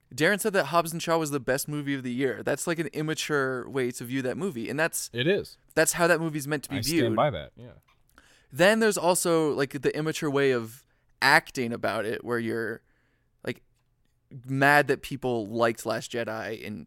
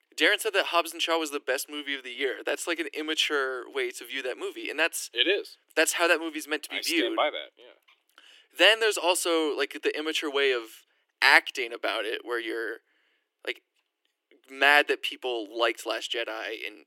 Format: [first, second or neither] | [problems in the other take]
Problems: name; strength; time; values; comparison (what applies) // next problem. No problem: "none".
first | thin; very; fading below 300 Hz